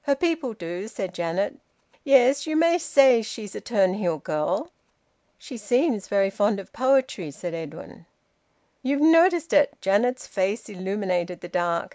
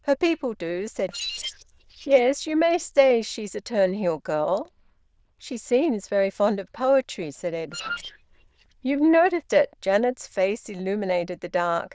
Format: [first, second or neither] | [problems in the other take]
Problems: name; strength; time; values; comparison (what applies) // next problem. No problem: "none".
first | noise reduction (neural diffusion model UNIVERSE++)